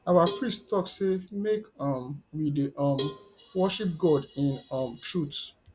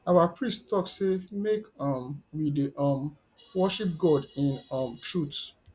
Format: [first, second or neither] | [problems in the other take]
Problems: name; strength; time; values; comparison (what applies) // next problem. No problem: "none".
second | background sound (Cowbell); 15 dB below the speech